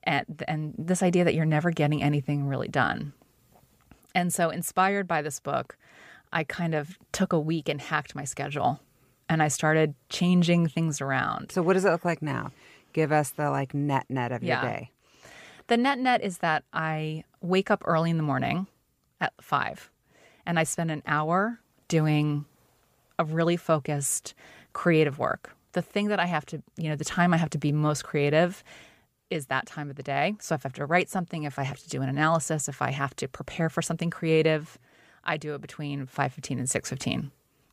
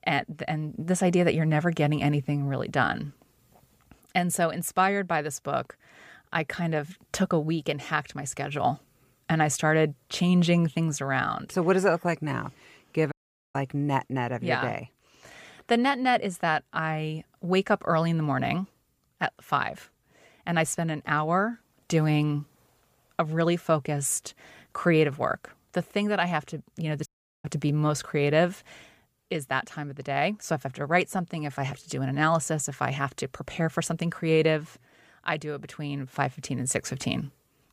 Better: first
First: none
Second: audio cutting out; at 13 s and at 27 s

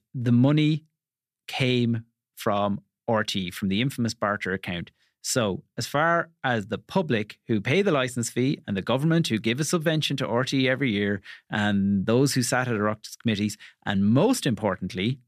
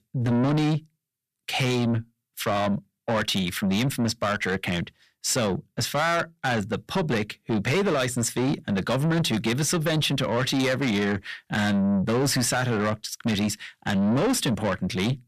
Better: first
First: none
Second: distortion; heavy; 7 dB below the speech

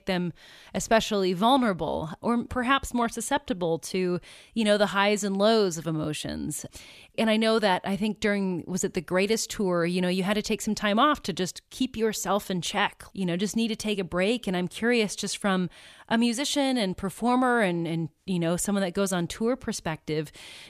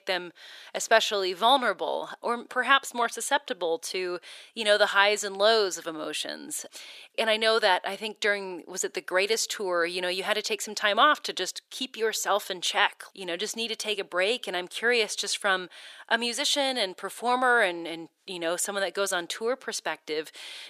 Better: first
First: none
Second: thin; very; fading below 400 Hz

